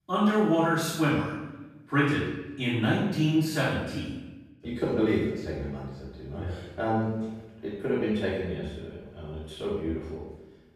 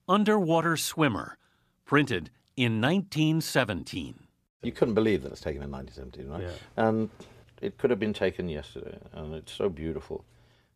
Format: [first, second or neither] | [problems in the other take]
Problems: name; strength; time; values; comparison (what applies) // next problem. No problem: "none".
second | off-mic speech; far // room echo; strong; dies away in 0.9 s